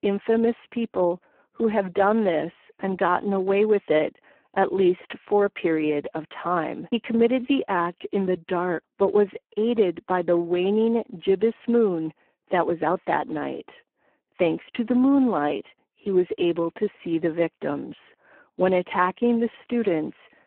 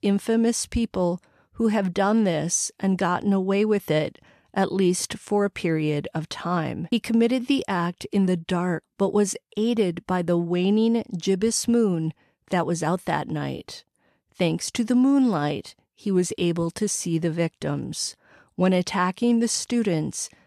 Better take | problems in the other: second | phone-call audio; poor line

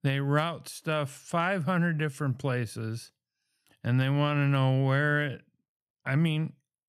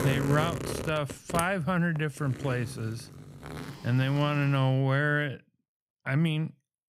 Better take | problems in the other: first | household noises; loud; until 4.5 s; 10 dB below the speech

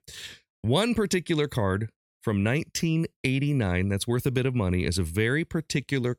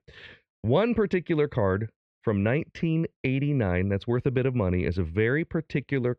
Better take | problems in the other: first | muffled; very; fading above 2.5 kHz

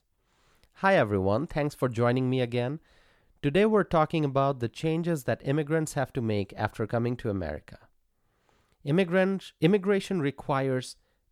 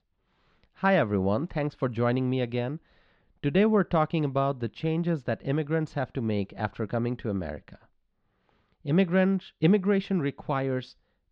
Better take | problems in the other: first | muffled; very slightly; fading above 4.5 kHz

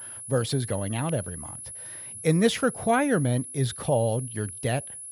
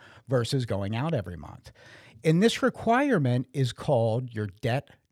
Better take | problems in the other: second | high-pitched whine; noticeable; throughout; 10.5 kHz, 10 dB below the speech

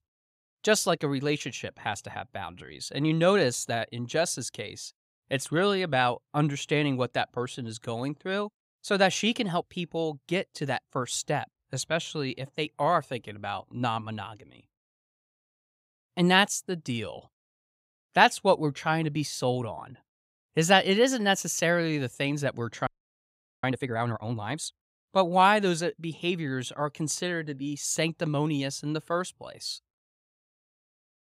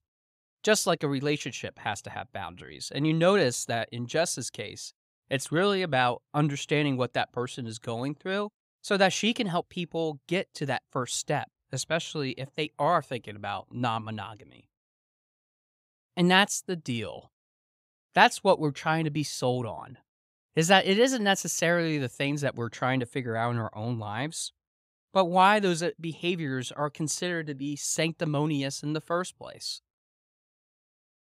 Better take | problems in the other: second | audio freezing; at 23 s for 1 s

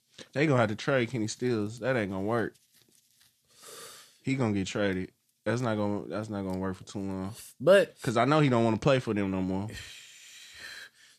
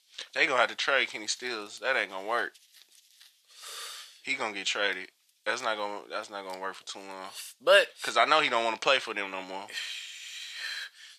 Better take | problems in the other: first | thin; very; fading below 800 Hz

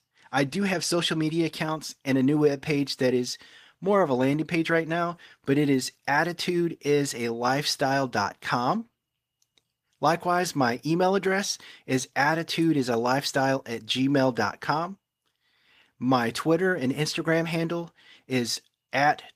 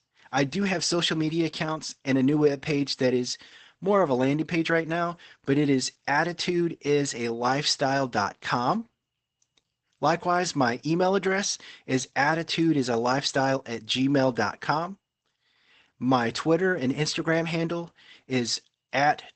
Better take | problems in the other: first | garbled, watery; badly; nothing above 8 kHz; slightly in the first

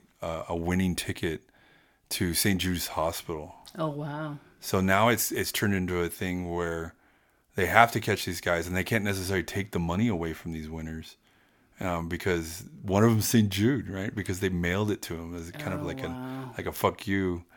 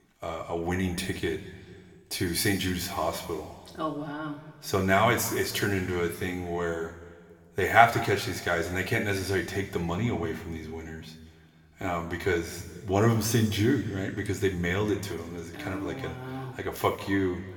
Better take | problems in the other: first | room echo; slight; dies away in 1.4 s // off-mic speech; somewhat distant

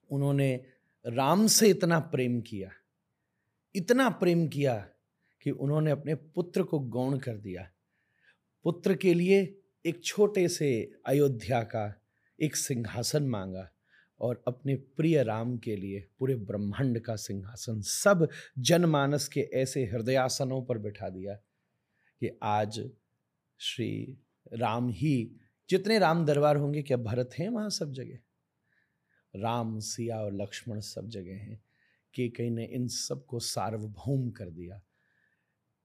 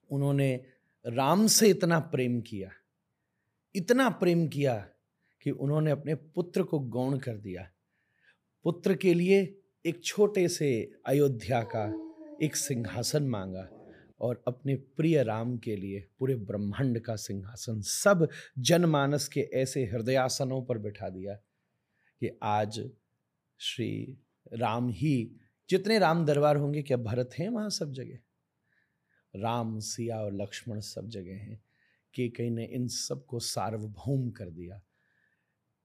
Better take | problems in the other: first | dog barking; noticeable; from 12 to 14 s; peak 10 dB below the speech

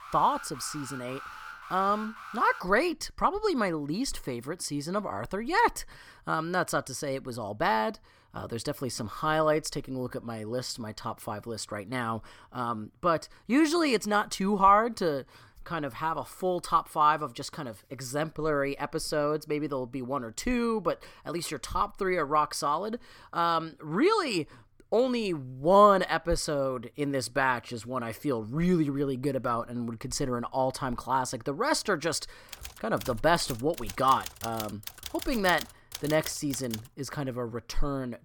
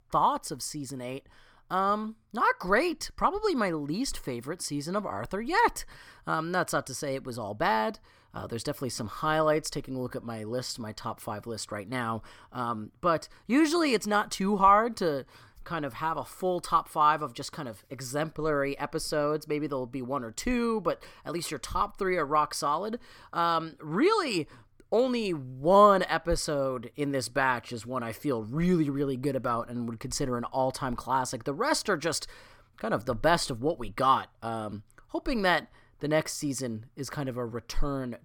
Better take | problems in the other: second | alarm; faint; until 2.5 s; peak 15 dB below the speech // keyboard typing; noticeable; from 33 to 37 s; peak 9 dB below the speech

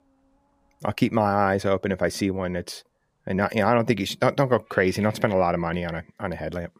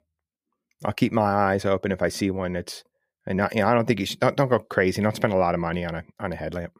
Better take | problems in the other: second | animal sounds; faint; throughout; 25 dB below the speech

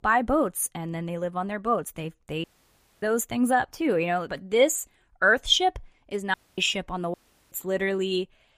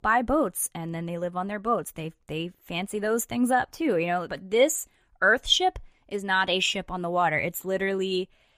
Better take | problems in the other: second | audio cutting out; at 2.5 s for 0.5 s, at 6.5 s and at 7 s

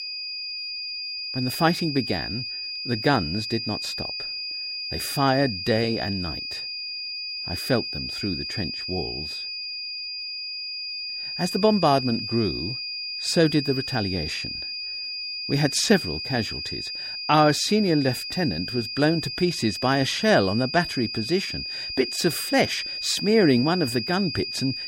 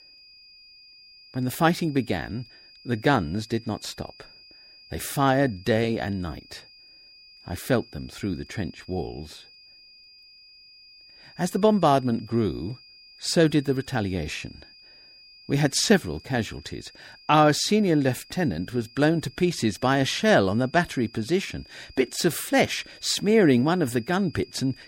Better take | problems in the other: second | high-pitched whine; loud; throughout; 5 kHz, 5 dB below the speech; faint in the second

